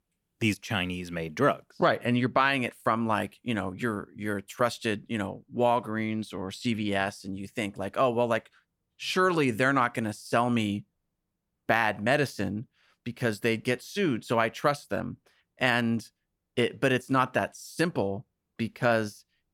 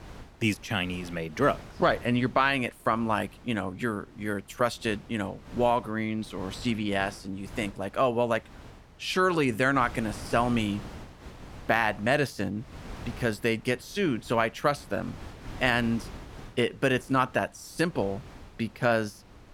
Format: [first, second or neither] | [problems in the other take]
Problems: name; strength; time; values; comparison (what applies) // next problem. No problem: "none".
first | wind noise on the microphone; occasional gusts; 20 dB below the speech